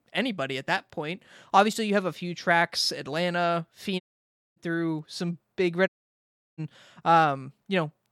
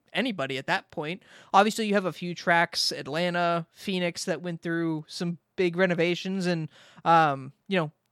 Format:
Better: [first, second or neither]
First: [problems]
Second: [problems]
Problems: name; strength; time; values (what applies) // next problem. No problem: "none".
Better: second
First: audio cutting out; at 4 s for 0.5 s and at 6 s for 0.5 s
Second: none